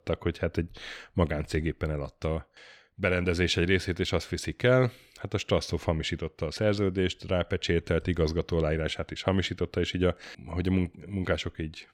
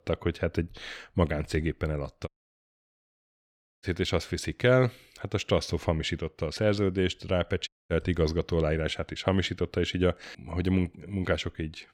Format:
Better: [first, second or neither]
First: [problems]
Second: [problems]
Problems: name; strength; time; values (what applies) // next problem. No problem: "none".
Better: first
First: none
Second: audio cutting out; at 2.5 s for 1.5 s and at 7.5 s